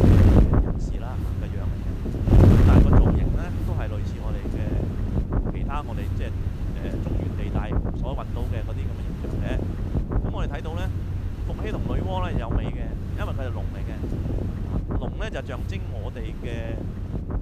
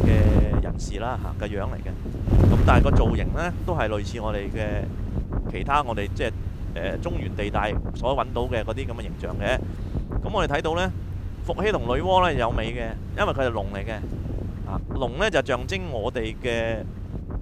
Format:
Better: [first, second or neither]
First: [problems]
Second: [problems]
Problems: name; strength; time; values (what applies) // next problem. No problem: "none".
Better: second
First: wind noise on the microphone; heavy; 4 dB above the speech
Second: wind noise on the microphone; occasional gusts; 10 dB below the speech